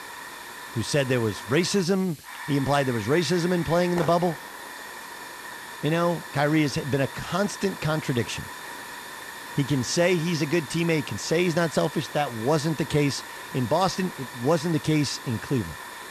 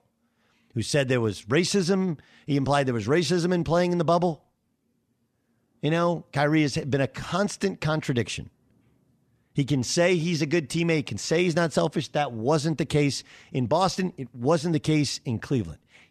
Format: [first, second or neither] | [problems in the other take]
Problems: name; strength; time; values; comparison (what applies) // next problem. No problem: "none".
second | hiss; noticeable; throughout; 10 dB below the speech